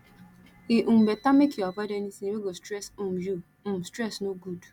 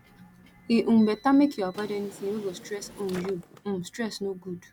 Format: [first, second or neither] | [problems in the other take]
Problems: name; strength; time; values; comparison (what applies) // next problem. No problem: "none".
first | background sound (Drawer open or close); 19 dB below the speech